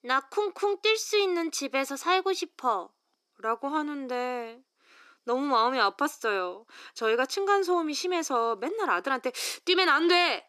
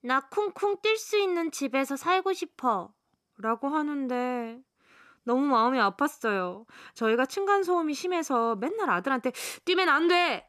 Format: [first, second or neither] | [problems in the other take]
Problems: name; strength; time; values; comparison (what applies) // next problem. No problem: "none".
second | thin; very slightly; fading below 300 Hz